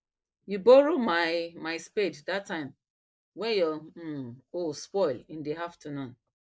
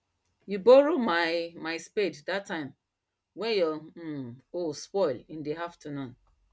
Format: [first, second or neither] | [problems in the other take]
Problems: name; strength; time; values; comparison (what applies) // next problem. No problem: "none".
second | noise reduction (neural mask model Resemble Enhance denoiser)